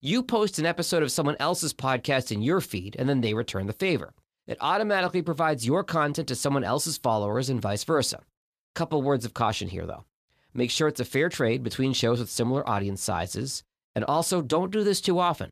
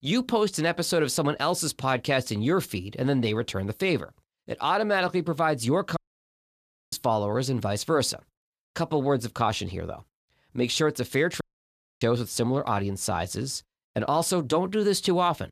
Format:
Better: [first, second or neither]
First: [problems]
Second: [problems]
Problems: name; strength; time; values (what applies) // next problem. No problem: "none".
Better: first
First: none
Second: audio cutting out; at 6 s for 1 s and at 11 s for 0.5 s